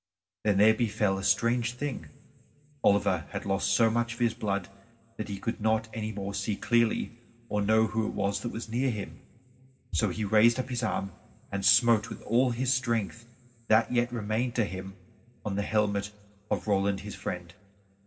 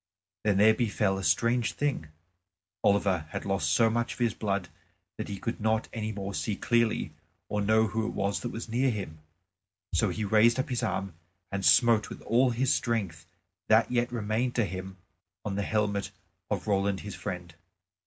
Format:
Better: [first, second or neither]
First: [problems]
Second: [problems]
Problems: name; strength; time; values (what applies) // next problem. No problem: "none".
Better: second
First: room echo; dies away in 0.2 s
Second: none